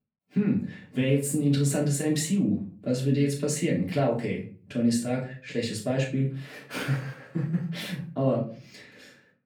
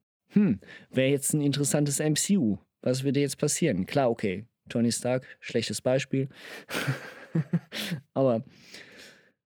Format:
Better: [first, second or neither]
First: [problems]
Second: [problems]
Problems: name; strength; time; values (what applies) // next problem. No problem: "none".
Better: second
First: off-mic speech; far // room echo; slight; dies away in 0.4 s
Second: none